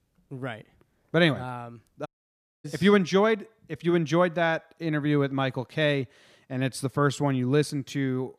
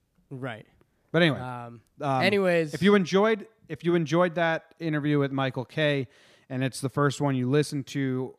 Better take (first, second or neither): second